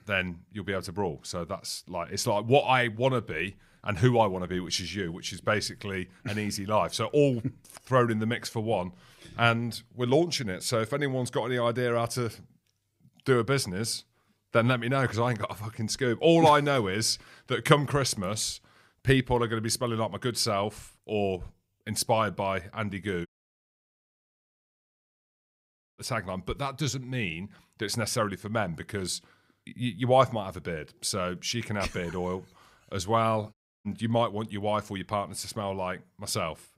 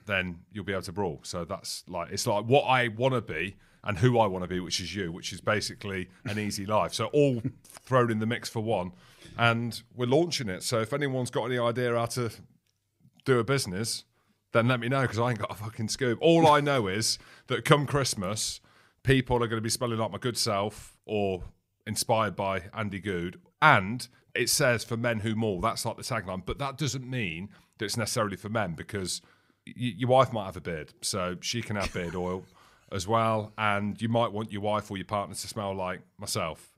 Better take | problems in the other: second | audio cutting out; at 23 s for 2.5 s and at 34 s

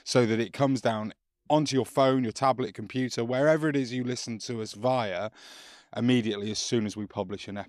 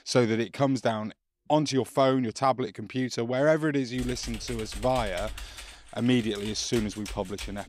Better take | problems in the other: first | keyboard typing; faint; from 4 s on; peak 10 dB below the speech

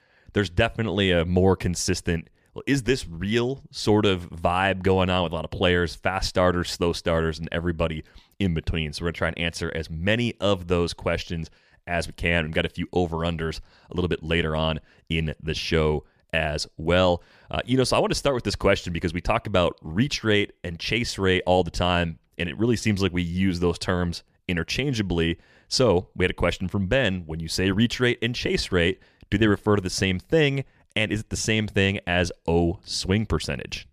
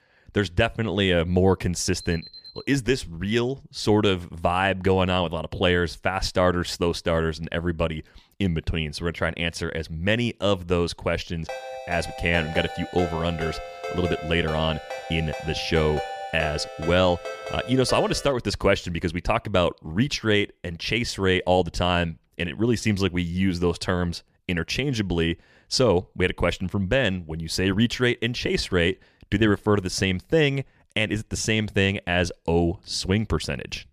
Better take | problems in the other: first | alarm; faint; at 2 s; peak 15 dB below the speech // phone ringing; noticeable; from 11 to 18 s; peak 7 dB below the speech

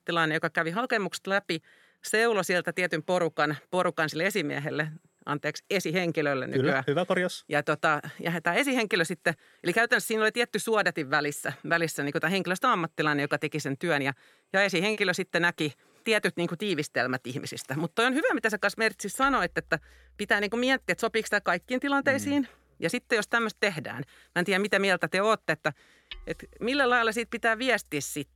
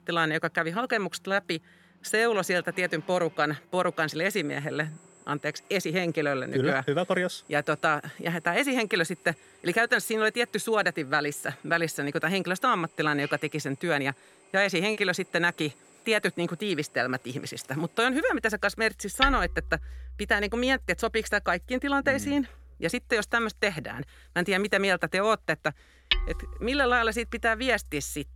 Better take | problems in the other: first | machinery noise; loud; throughout; 9 dB below the speech; faint in the first

